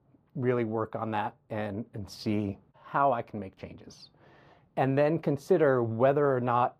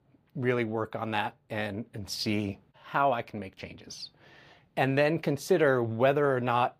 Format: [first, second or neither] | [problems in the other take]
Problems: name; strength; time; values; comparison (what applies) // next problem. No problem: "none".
second | muffled; slightly; fading above 1.5 kHz